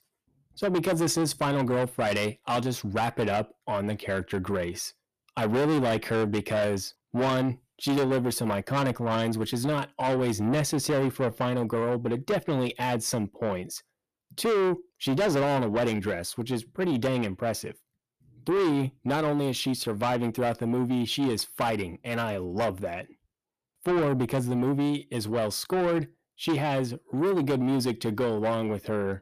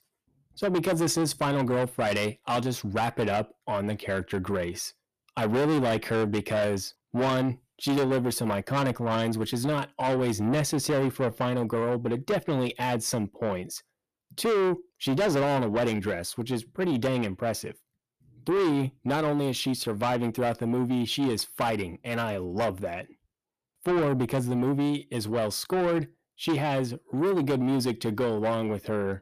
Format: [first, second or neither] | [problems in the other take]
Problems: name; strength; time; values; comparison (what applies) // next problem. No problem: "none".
neither | distortion; heavy; 7 dB below the speech; the same in both